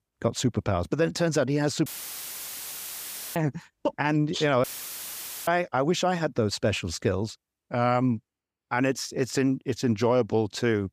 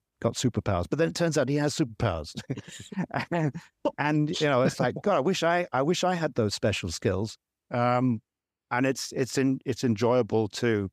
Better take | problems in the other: second | audio cutting out; filled with static; at 2 s for 1.5 s and at 4.5 s for 1 s

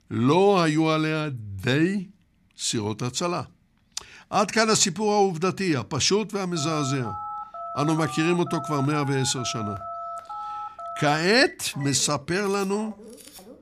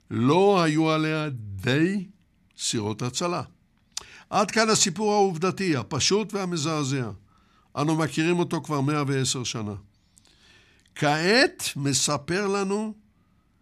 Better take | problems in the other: second | phone ringing; noticeable; from 6.5 s on; peak 10 dB below the speech

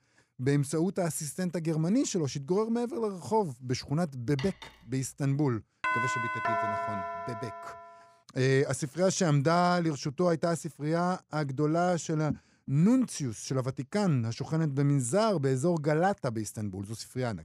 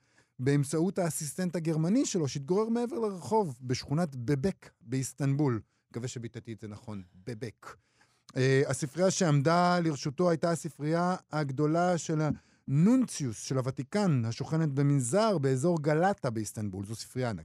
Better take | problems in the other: second | clattering dishes; faint; at 4.5 s; peak 15 dB below the speech // doorbell; loud; from 6 to 8 s; peak level with the speech

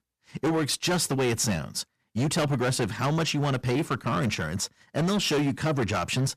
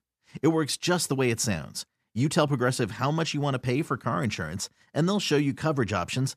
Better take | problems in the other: second | distortion; heavy; 17% of the sound clipped

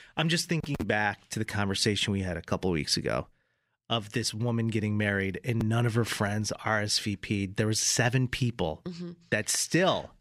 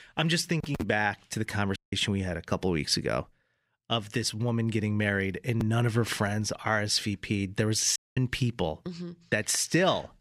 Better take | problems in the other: first | audio cutting out; at 2 s and at 8 s

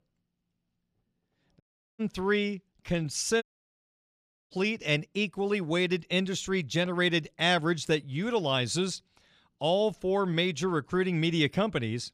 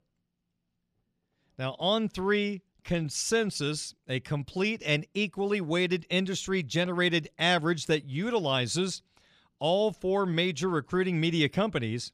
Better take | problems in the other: second | audio cutting out; at 1.5 s and at 3.5 s for 1 s

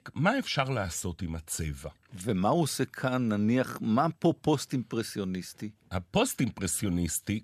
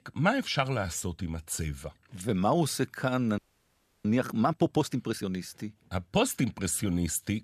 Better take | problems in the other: first | audio freezing; at 3.5 s for 0.5 s

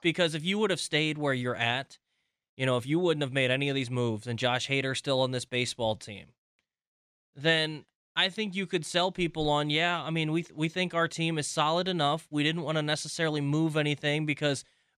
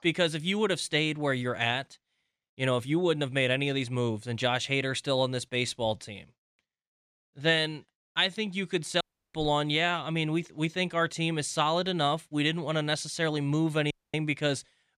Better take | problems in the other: first | audio cutting out; at 9 s and at 14 s

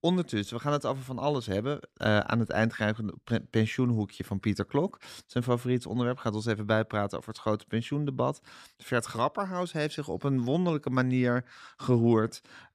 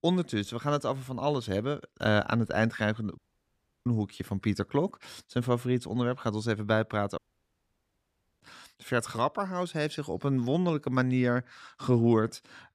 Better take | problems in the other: first | audio cutting out; at 3 s for 0.5 s and at 7 s for 1 s

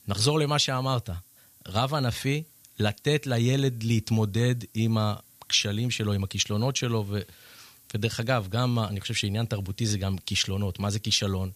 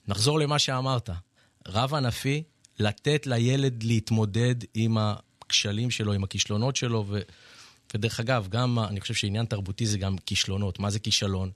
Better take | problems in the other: second | hiss; faint; throughout; 25 dB below the speech

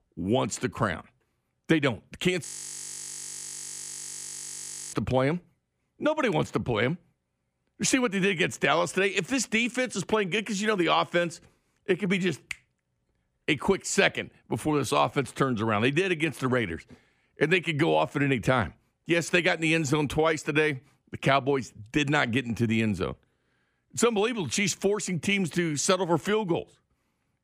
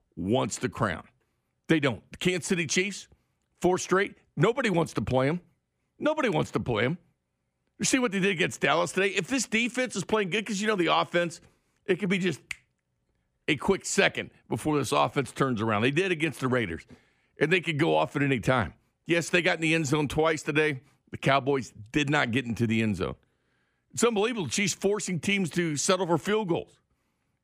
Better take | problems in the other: second | audio freezing; at 2.5 s for 2.5 s

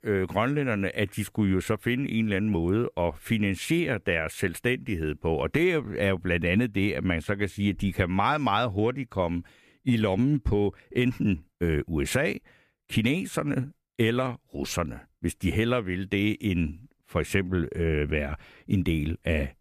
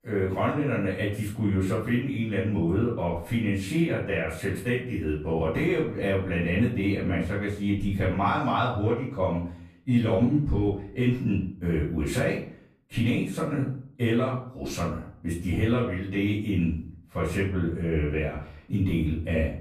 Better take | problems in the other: first | off-mic speech; far // room echo; noticeable; dies away in 0.5 s

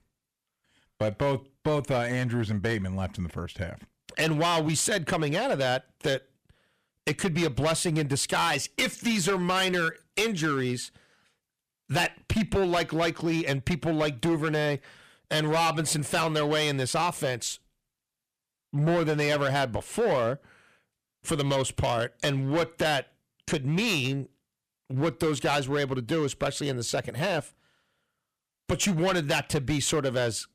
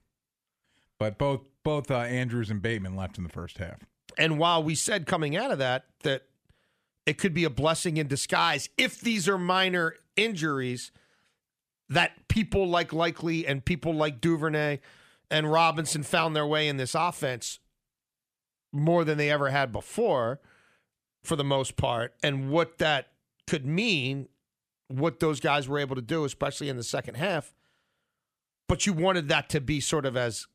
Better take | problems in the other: second | distortion; heavy; 10% of the sound clipped

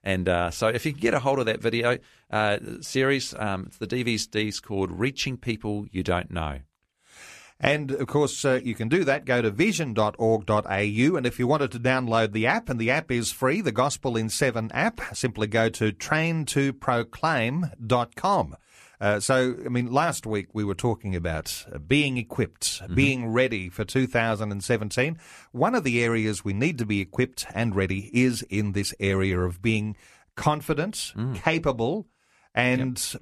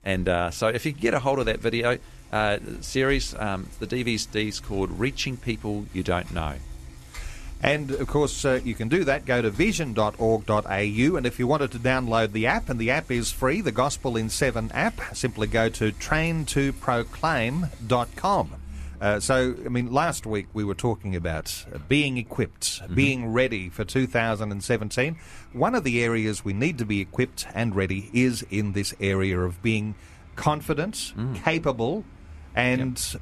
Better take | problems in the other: first | traffic noise; noticeable; throughout; 20 dB below the speech

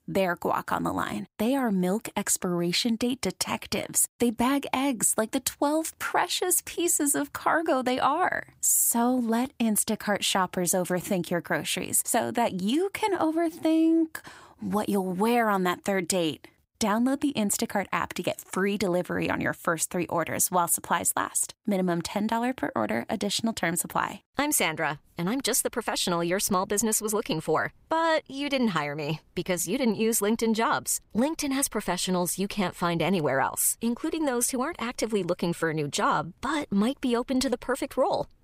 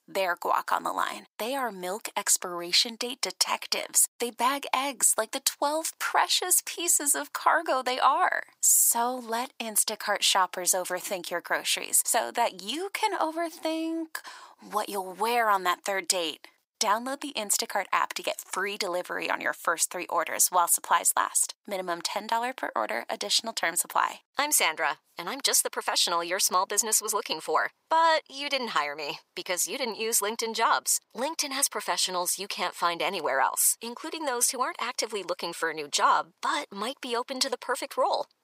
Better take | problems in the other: first | thin; very; fading below 600 Hz

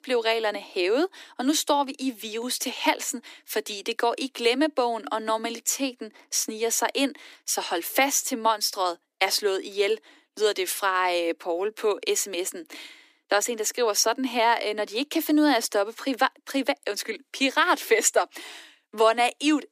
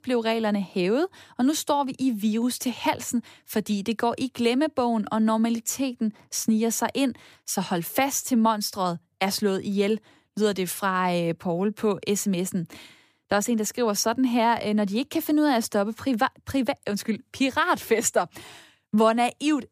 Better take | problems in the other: second | thin; somewhat; fading below 300 Hz

